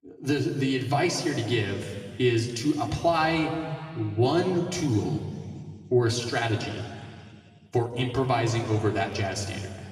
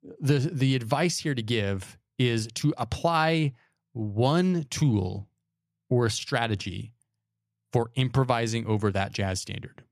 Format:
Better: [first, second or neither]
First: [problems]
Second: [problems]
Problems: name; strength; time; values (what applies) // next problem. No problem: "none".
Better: second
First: room echo; noticeable; dies away in 2.1 s // off-mic speech; far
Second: none